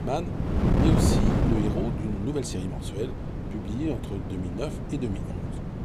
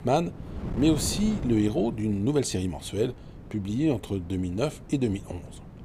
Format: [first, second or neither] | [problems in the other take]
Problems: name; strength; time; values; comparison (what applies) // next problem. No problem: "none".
second | wind noise on the microphone; heavy; as loud as the speech; occasional gusts in the second